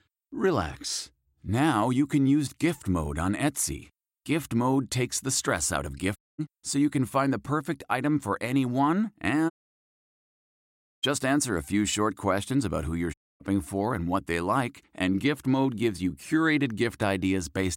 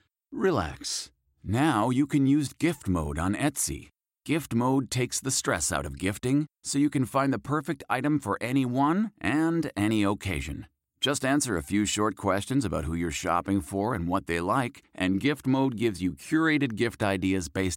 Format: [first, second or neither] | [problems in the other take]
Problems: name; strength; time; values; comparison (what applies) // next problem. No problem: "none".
second | audio cutting out; at 6 s, at 9.5 s for 1.5 s and at 13 s